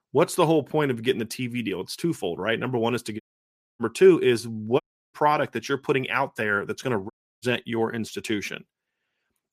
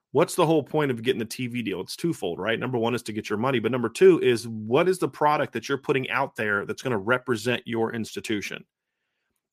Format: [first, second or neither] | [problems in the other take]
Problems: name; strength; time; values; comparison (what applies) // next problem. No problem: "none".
second | audio cutting out; at 3 s for 0.5 s, at 5 s and at 7 s